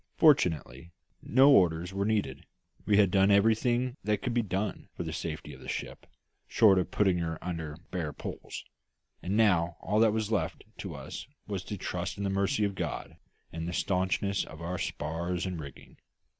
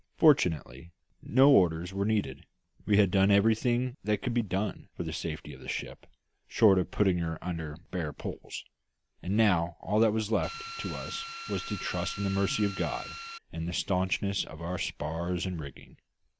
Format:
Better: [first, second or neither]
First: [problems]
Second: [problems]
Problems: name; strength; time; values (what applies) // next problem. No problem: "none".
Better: first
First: none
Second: background sound (Drill); 11 dB below the speech